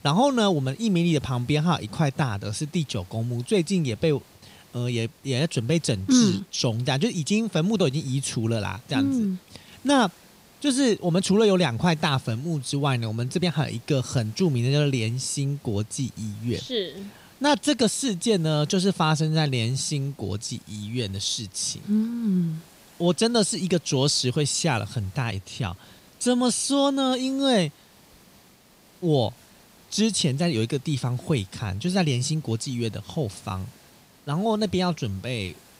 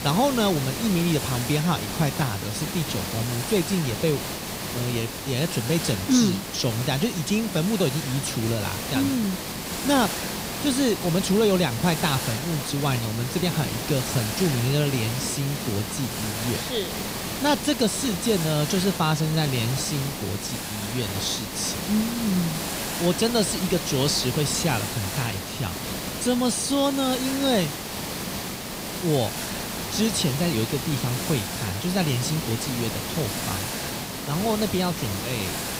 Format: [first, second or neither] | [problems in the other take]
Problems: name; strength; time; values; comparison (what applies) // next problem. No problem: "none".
first | hiss; loud; throughout; 4 dB below the speech; faint in the first